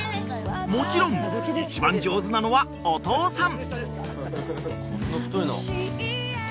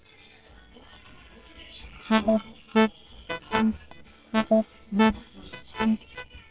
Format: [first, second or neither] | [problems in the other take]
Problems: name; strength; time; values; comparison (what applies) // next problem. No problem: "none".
first | noise reduction (neural separator model SepFormer WHAMR!)